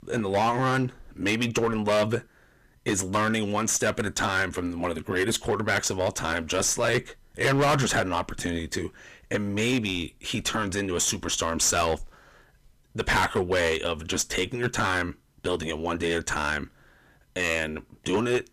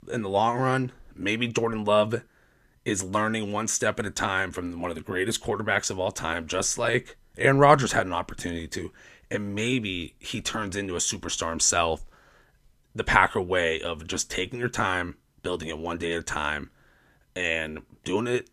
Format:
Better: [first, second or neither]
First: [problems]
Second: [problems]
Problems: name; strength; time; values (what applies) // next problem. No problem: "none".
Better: second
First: distortion; heavy; 8% of the sound clipped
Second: none